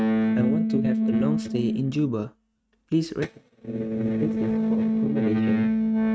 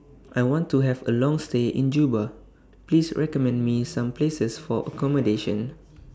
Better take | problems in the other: second | noise reduction (neural mask model RNNoise)

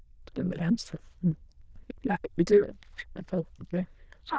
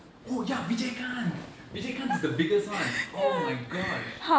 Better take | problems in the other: second | noise reduction (neural diffusion model UNIVERSE++)

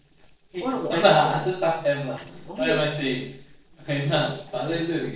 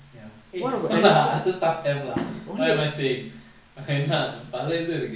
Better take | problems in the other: second | noise reduction (neural separator model SepFormer DNS4)

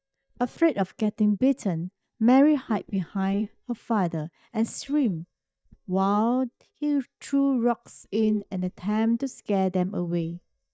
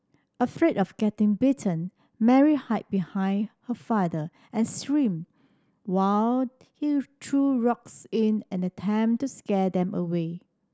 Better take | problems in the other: second | noise reduction (neural mask model DeepFilterNet 3)

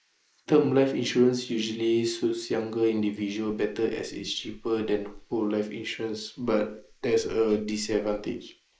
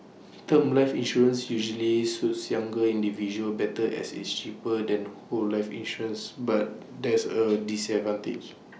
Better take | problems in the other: second | noise reduction (neural mask model Resemble Enhance denoiser)

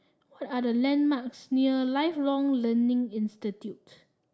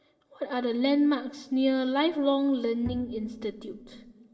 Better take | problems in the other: first | background sound (Bowed string instrument); 13 dB below the speech // room echo; dies away in 2.7 s

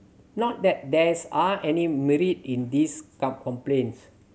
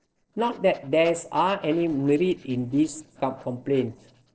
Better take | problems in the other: first | noise reduction (neural separator model SepFormer DNS4)

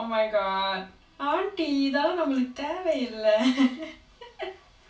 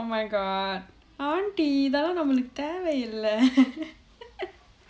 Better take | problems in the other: second | room echo; dies away in 0.2 s

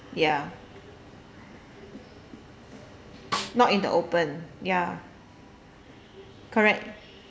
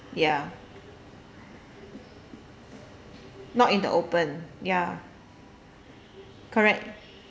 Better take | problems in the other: second | background sound (Snare drum); 5 dB below the speech

